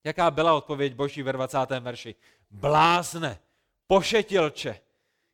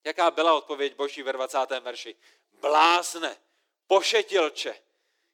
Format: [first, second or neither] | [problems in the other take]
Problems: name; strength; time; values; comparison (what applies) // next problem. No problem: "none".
first | thin; somewhat; fading below 350 Hz